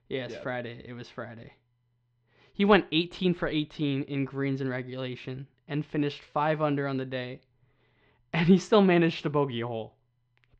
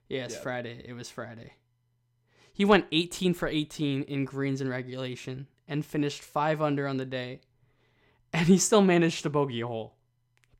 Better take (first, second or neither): second